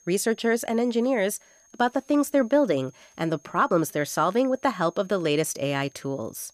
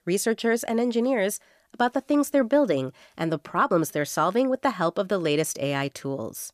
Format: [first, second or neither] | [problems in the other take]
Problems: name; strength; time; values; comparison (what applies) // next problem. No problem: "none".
second | high-pitched whine; faint; throughout; 6.5 kHz, 30 dB below the speech